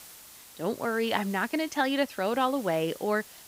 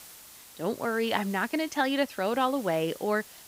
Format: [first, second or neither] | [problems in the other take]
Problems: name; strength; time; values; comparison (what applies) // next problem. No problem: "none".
neither | hiss; noticeable; throughout; 20 dB below the speech; the same in both